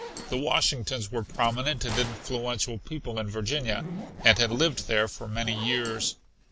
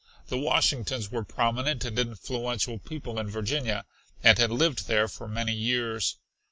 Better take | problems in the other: second | background sound (Zipper (clothing) + Gunshot, gunfire); 13 dB below the speech

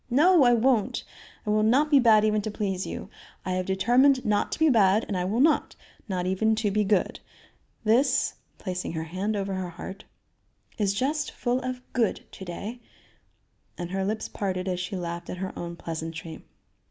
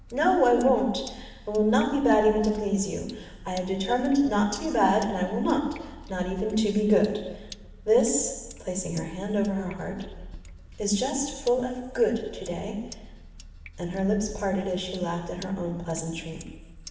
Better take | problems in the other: first | background sound (Sink (filling or washing)); 18 dB below the speech // room echo; dies away in 1.2 s

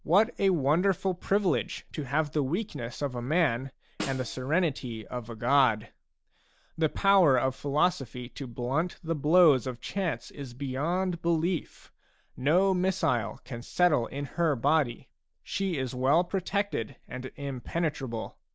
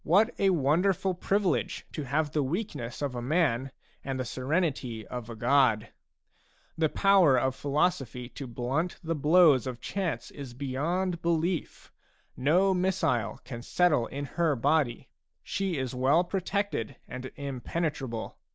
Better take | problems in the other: second | background sound (Snare drum); 16 dB below the speech

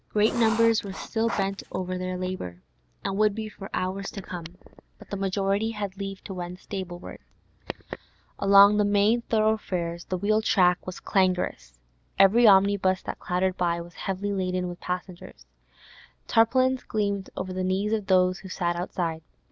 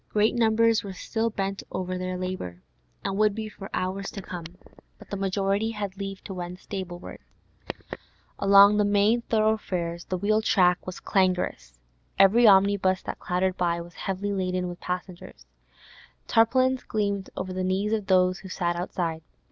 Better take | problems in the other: second | background sound (Writing); 10 dB below the speech

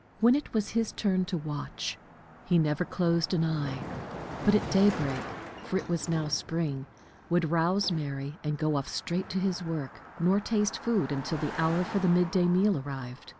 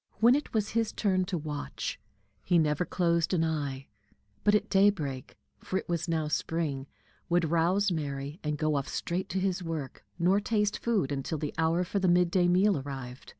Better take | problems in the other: second | background sound (Car passing by); 13 dB below the speech

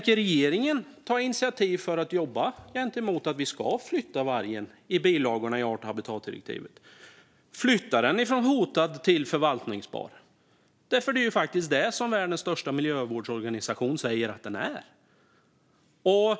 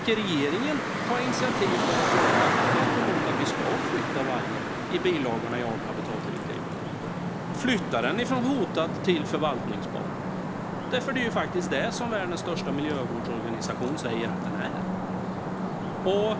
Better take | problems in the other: first | background sound (Traffic noise, roadway noise); 1 dB above the speech

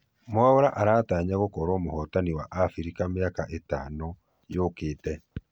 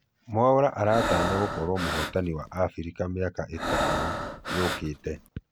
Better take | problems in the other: first | background sound (Breathing); 2 dB below the speech

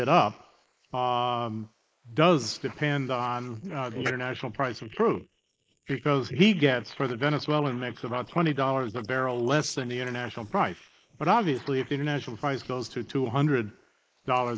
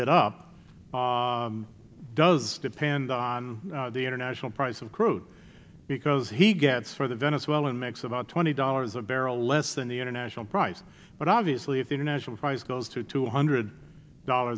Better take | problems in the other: second | noise reduction (neural mask model Resemble Enhance denoiser)

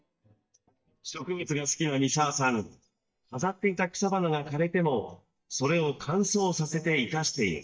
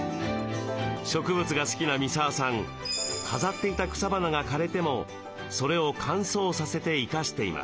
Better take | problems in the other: second | noise reduction (neural mask model DeepFilterNet 3)

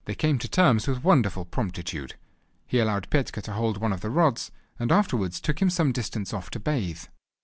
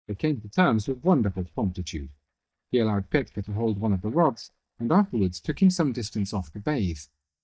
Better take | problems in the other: first | noise reduction (neural mask model DeepFilterNet 3)

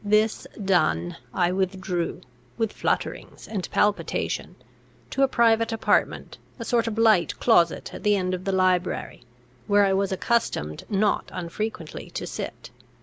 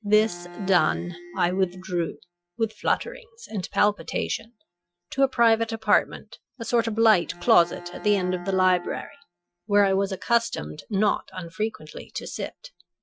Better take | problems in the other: first | noise reduction (classical method Wiener filter)

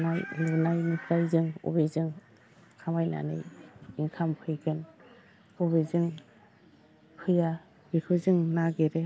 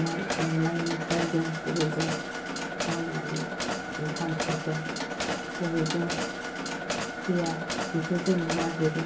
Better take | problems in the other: first | background sound (Mechanisms); 1 dB below the speech // room echo; dies away in 0.3 s

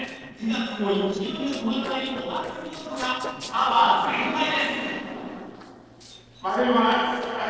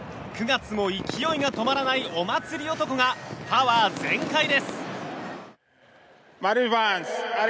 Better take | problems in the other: second | noise reduction (neural separator model SepFormer DNS4)

